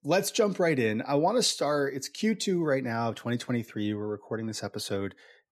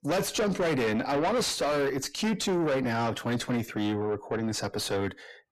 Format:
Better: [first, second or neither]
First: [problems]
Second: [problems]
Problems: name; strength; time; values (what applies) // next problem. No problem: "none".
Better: first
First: none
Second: distortion; heavy; 6 dB below the speech